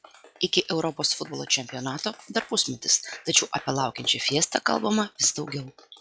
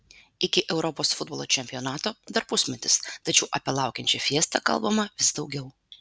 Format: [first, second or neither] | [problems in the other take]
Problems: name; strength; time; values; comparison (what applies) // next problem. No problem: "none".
second | noise reduction (classical method log-MMSE)